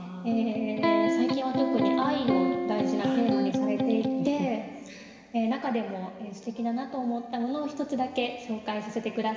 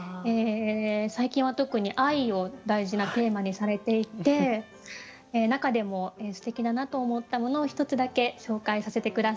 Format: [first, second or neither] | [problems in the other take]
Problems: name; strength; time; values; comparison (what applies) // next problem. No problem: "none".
second | background sound (Electric guitar); 3 dB above the speech // room echo; dies away in 2.9 s